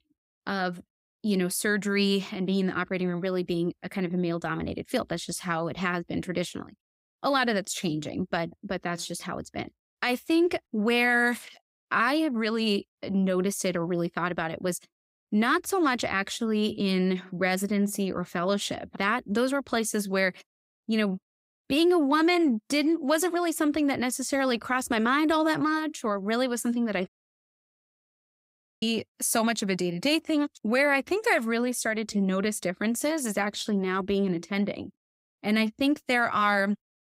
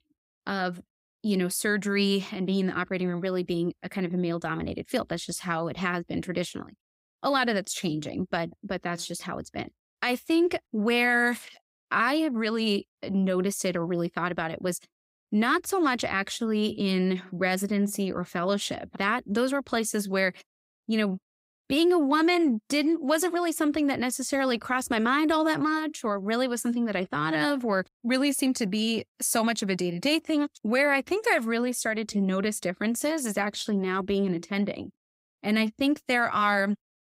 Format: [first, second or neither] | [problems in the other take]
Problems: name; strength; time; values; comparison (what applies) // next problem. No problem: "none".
second | audio cutting out; at 27 s for 1.5 s